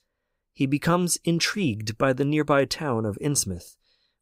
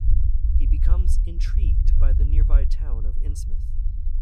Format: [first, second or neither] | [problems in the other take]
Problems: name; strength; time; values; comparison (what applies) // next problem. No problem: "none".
first | low rumble; loud; throughout; as loud as the speech